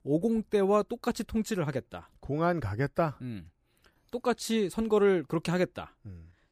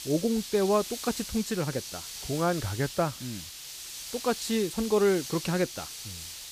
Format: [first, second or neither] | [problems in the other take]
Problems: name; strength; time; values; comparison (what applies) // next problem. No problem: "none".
first | hiss; loud; throughout; 9 dB below the speech